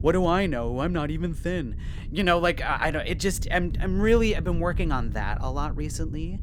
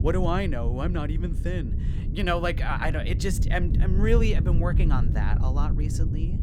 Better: first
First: low rumble; faint; throughout; 20 dB below the speech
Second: low rumble; loud; throughout; 10 dB below the speech

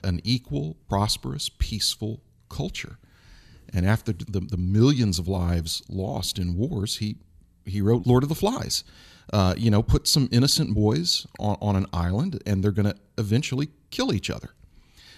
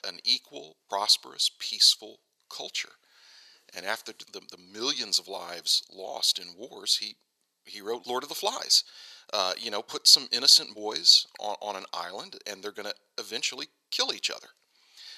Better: first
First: none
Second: thin; very; fading below 550 Hz

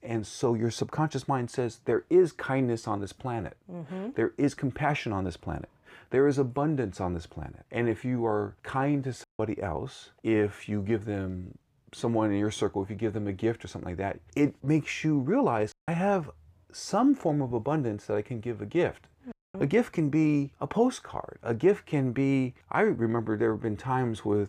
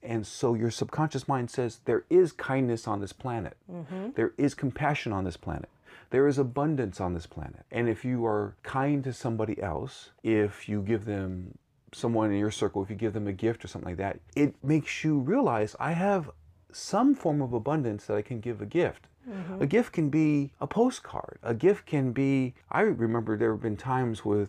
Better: second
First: audio cutting out; at 9 s, at 16 s and at 19 s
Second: none

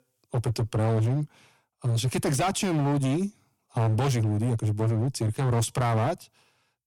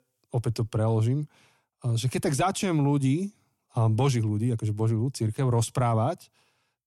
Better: second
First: distortion; slight; 20% of the sound clipped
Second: none

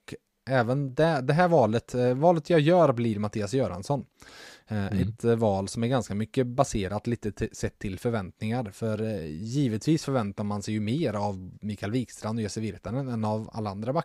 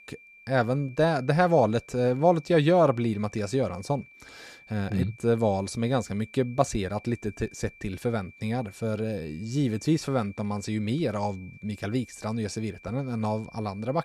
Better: first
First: none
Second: high-pitched whine; faint; throughout; 2.5 kHz, 25 dB below the speech

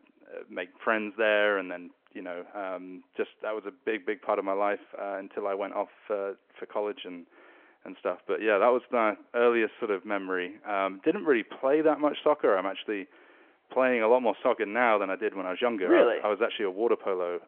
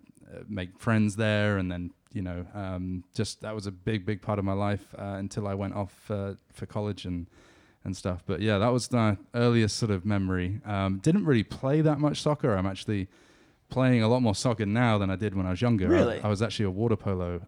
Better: second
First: phone-call audio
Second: none

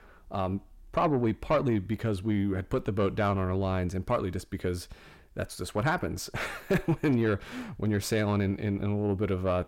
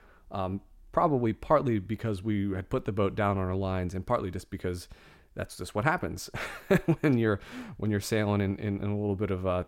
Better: second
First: distortion; slight; 10 dB below the speech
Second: none

